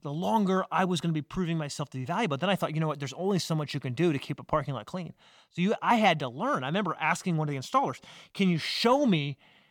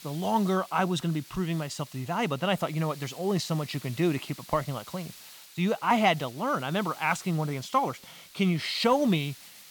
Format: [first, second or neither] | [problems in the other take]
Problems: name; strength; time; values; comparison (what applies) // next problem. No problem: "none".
first | hiss; noticeable; throughout; 20 dB below the speech